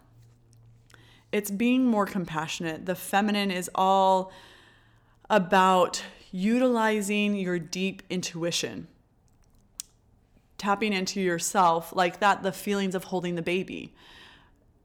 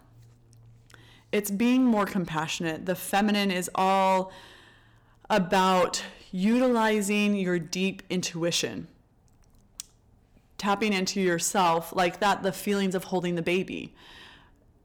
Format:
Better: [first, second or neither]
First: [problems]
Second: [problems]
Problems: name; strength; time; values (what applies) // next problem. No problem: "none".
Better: first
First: none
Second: distortion; slight; 5% of the sound clipped